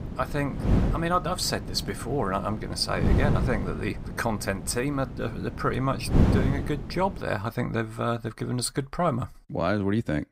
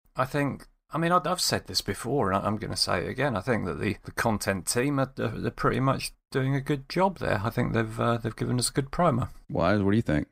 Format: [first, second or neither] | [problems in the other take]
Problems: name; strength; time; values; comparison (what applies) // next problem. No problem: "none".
second | wind noise on the microphone; heavy; until 7 s; 8 dB below the speech